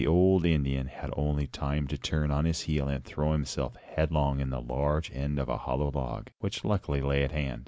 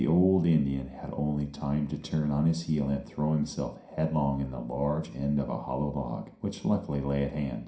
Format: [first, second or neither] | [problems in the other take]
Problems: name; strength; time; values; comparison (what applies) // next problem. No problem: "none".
first | room echo; dies away in 0.5 s